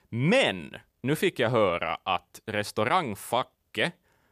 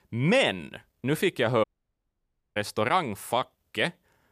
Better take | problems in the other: first | audio cutting out; at 1.5 s for 1 s

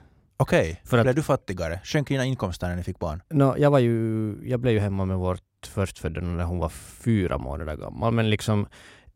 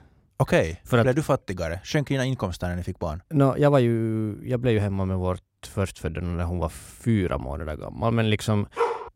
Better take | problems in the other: first | dog barking; noticeable; at 9 s; peak 2 dB below the speech

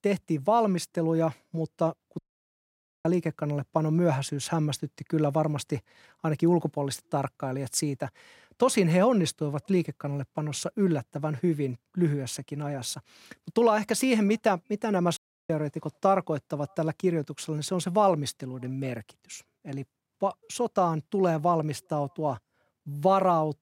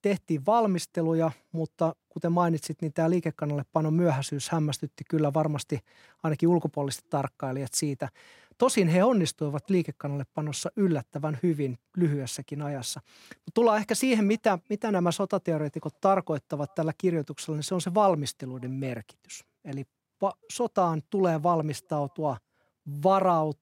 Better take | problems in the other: second | audio cutting out; at 2 s for 1 s and at 15 s

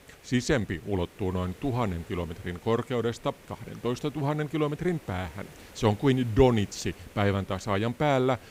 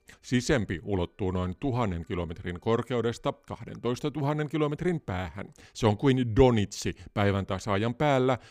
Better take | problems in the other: second | hiss; faint; throughout; 20 dB below the speech

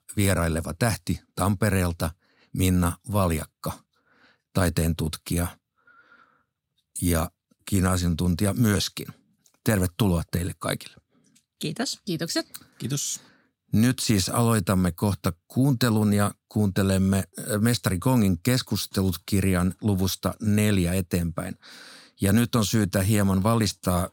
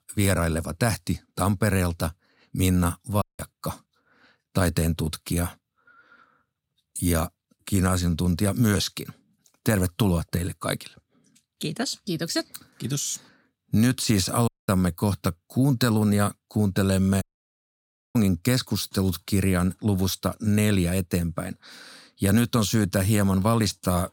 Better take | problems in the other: first | audio cutting out; at 3 s, at 14 s and at 17 s for 1 s

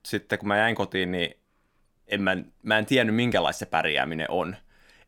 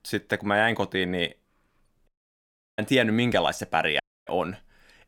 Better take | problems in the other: first | audio cutting out; at 2 s for 0.5 s and at 4 s

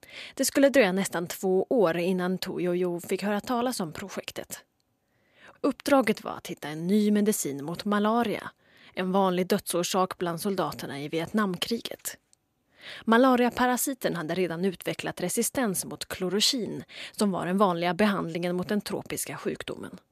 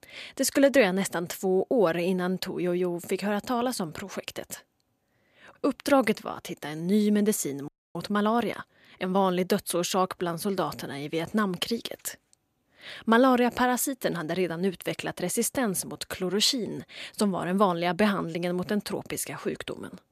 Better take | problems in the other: first | audio freezing; at 7.5 s

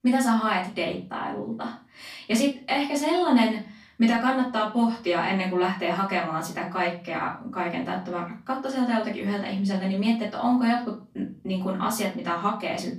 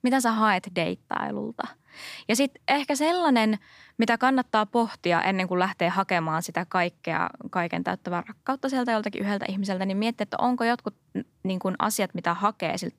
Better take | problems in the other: second | off-mic speech; far // room echo; slight; dies away in 0.4 s

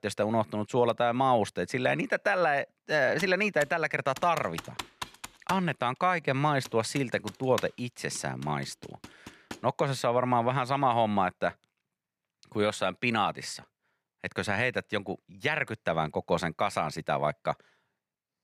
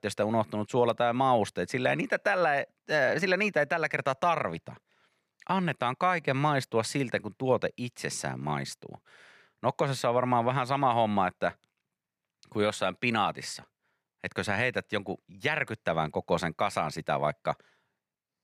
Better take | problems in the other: second | keyboard typing; faint; from 3 to 9.5 s; peak 10 dB below the speech

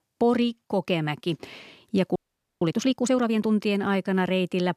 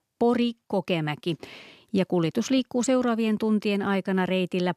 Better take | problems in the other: second | audio freezing; at 2 s

